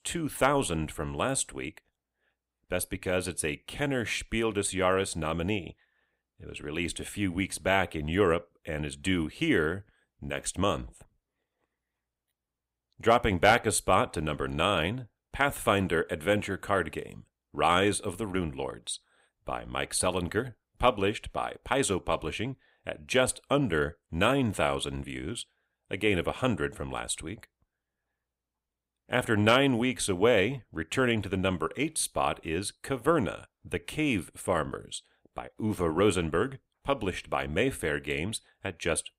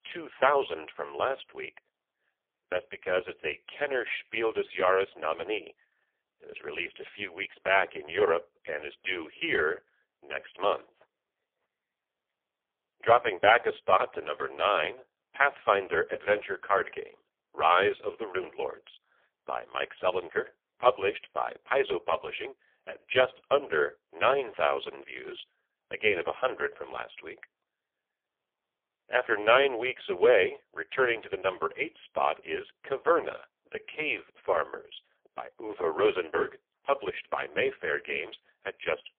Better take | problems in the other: first | phone-call audio; poor line; nothing above 3.5 kHz

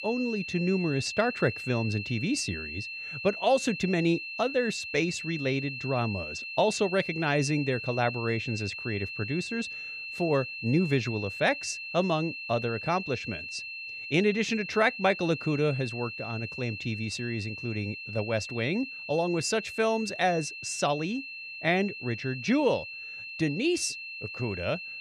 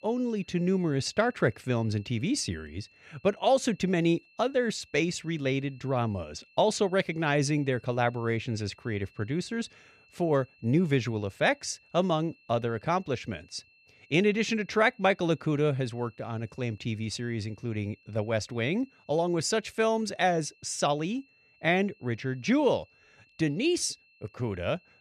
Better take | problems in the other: second | high-pitched whine; loud; throughout; 2.5 kHz, 7 dB below the speech; faint in the second

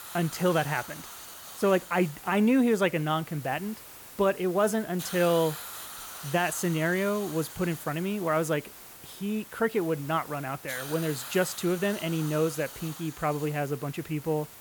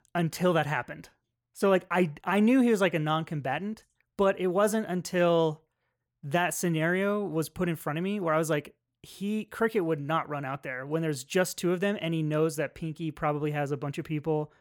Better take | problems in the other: second | hiss; noticeable; throughout; 15 dB below the speech

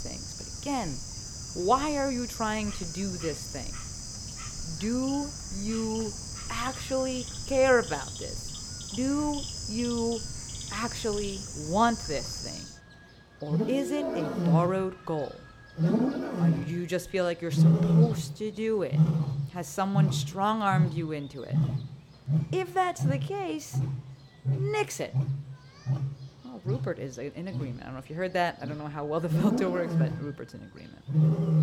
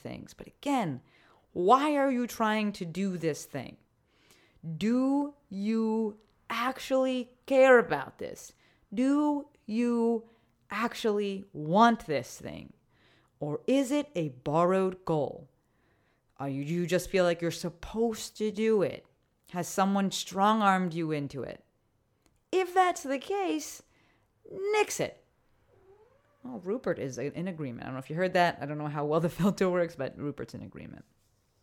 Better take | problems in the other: second | animal sounds; loud; throughout; as loud as the speech

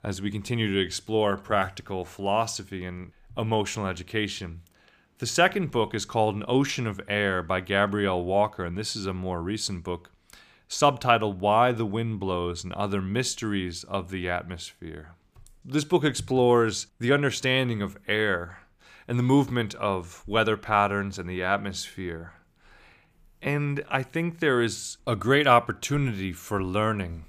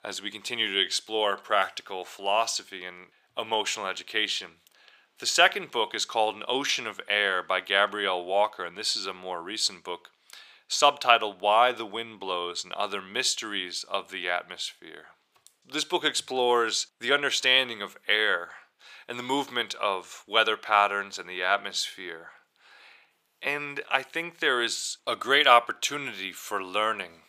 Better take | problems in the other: first | thin; very; fading below 550 Hz

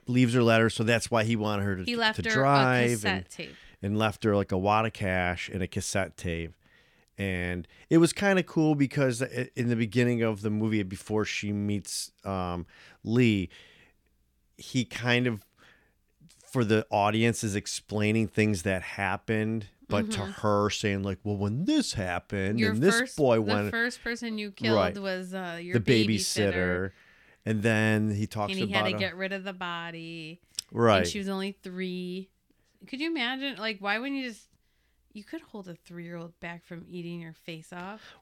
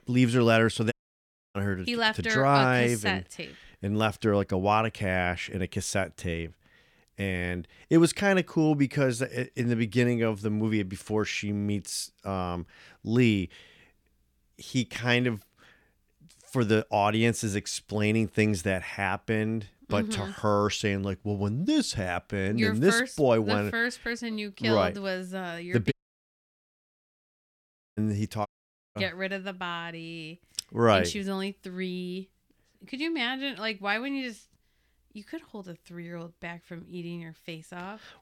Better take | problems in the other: first | audio cutting out; at 1 s for 0.5 s, at 26 s for 2 s and at 28 s

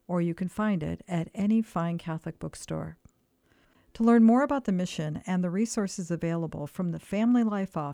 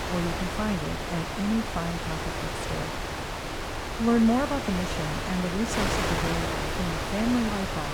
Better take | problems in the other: first | wind noise on the microphone; heavy; 2 dB above the speech

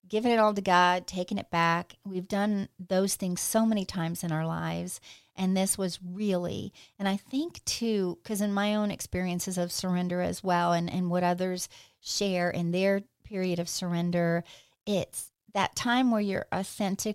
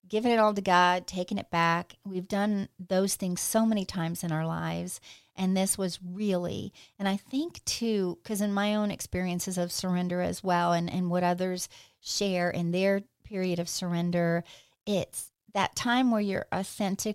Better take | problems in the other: neither | none

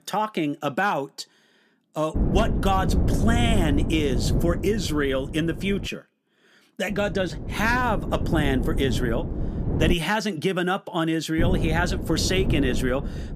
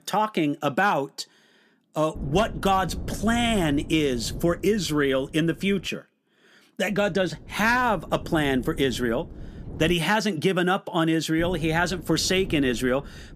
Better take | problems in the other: second | wind noise on the microphone; heavy; from 2 to 6 s, from 7 to 10 s and from 11 s on; 9 dB below the speech; occasional gusts in the second

